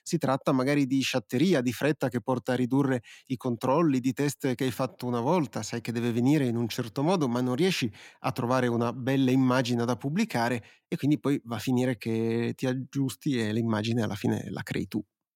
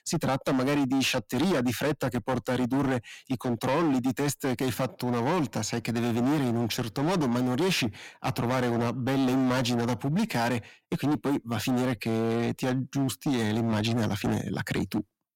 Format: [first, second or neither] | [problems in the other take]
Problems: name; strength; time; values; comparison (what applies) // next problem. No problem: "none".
first | distortion; heavy; 21% of the sound clipped